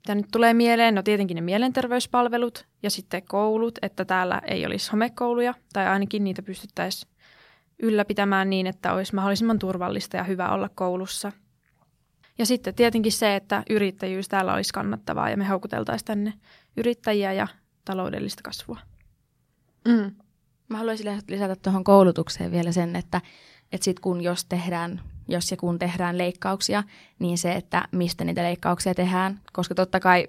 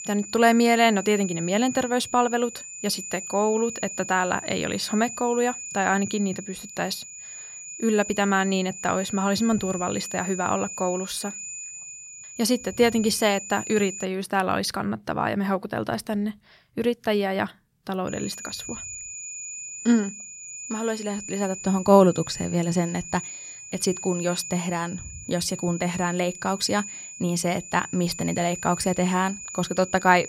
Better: first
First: none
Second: high-pitched whine; noticeable; until 14 s and from 18 s on; 7 kHz, 10 dB below the speech

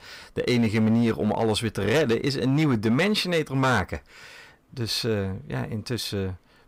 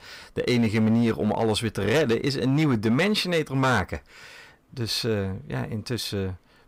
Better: neither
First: distortion; slight; 7% of the sound clipped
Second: distortion; slight; 7% of the sound clipped

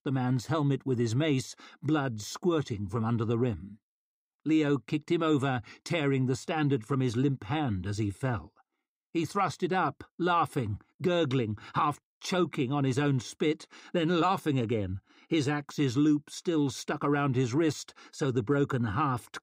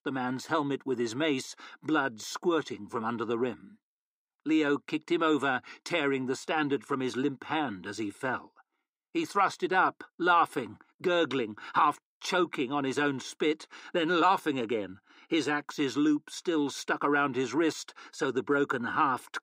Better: first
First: none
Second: thin; somewhat; fading below 300 Hz

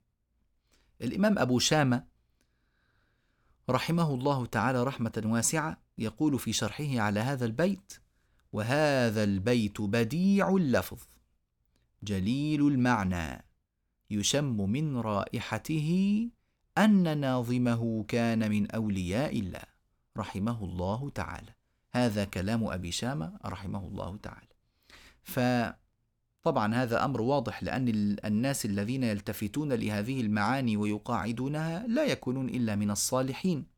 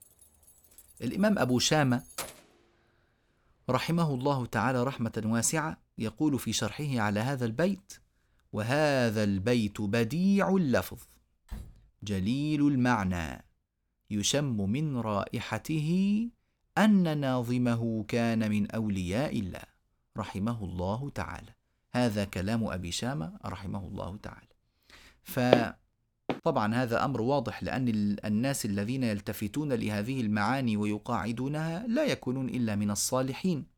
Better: first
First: none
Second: jangling keys; noticeable; until 2.5 s; peak 10 dB below the speech // door banging; faint; at 12 s; peak 15 dB below the speech // footsteps; loud; at 26 s; peak 3 dB above the speech

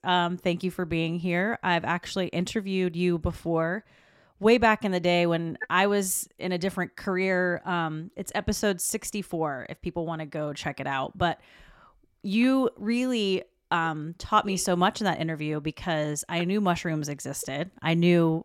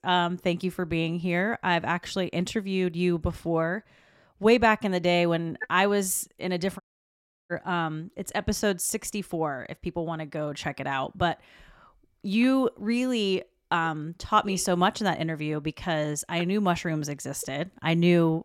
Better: first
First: none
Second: audio cutting out; at 7 s for 0.5 s

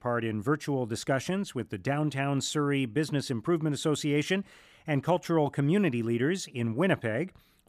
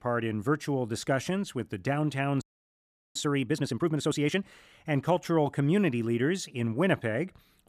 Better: first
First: none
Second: audio freezing; at 2.5 s for 0.5 s

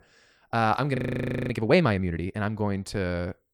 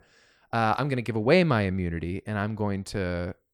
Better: second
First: audio freezing; at 1 s for 0.5 s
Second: none

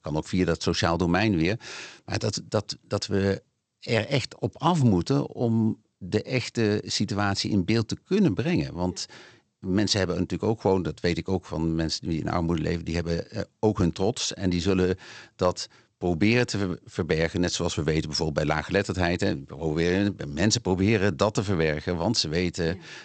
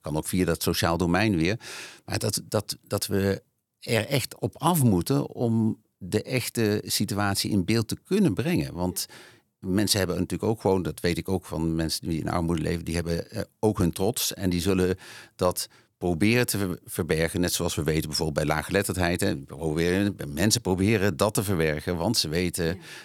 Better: second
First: garbled, watery; slightly; nothing above 8 kHz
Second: none

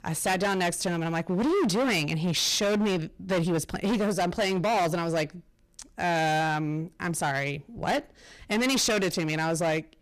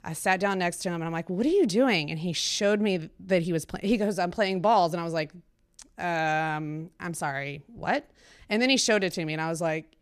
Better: second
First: distortion; heavy; 20% of the sound clipped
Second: none

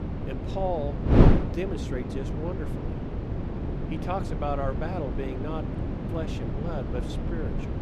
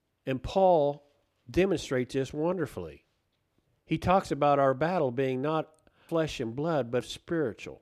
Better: second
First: wind noise on the microphone; heavy; as loud as the speech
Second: none

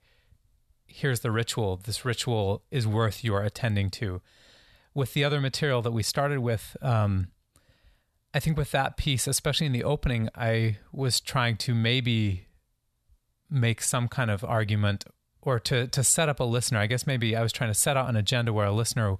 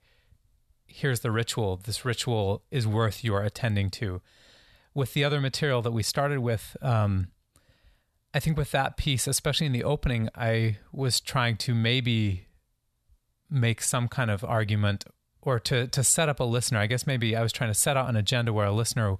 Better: neither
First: none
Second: none

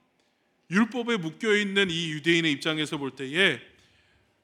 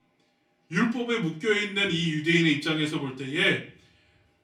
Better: first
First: none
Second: off-mic speech; far // room echo; very slight; dies away in 0.3 s

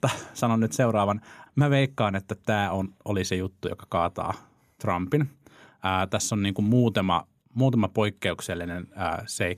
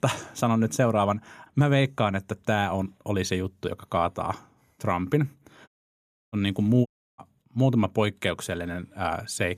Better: first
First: none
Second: audio cutting out; at 5.5 s for 0.5 s and at 7 s

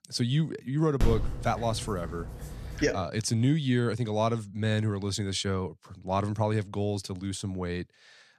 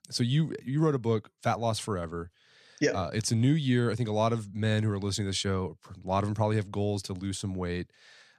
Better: second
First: dog barking; noticeable; from 1 to 3 s; peak 2 dB below the speech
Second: none

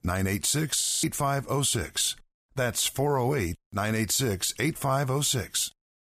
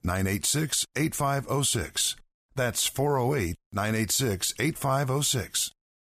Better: second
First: audio freezing; at 1 s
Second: none

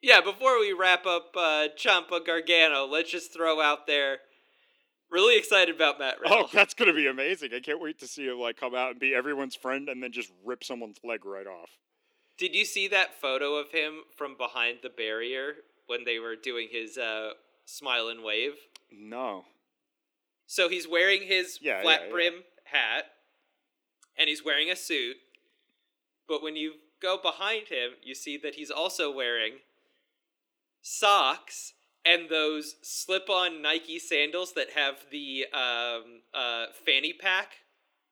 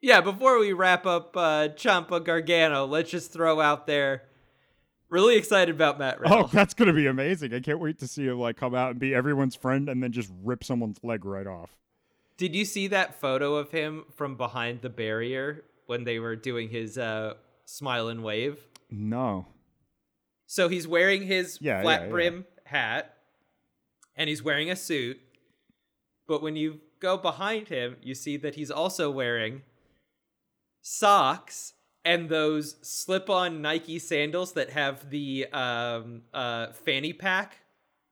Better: second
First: thin; somewhat; fading below 350 Hz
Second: none

